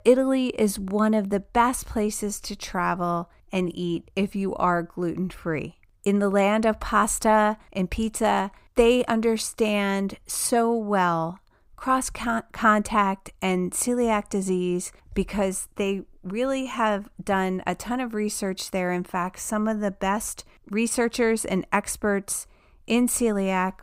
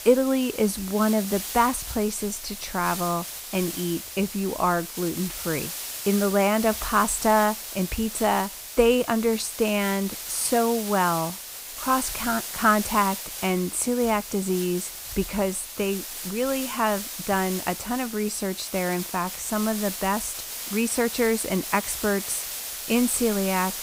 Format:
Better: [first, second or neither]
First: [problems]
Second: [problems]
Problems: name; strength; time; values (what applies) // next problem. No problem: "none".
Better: first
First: none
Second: hiss; loud; throughout; 7 dB below the speech